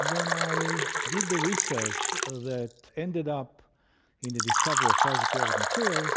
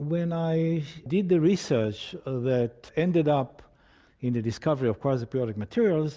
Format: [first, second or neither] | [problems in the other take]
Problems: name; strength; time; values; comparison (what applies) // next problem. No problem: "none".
second | background sound (Fill (with liquid)); 5 dB above the speech